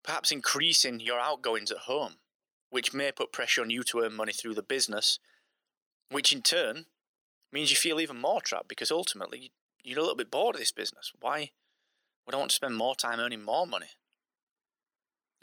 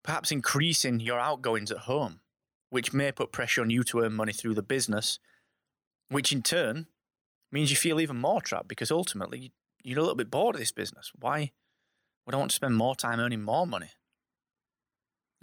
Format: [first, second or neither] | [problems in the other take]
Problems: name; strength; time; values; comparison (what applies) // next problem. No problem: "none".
second | thin; somewhat; fading below 400 Hz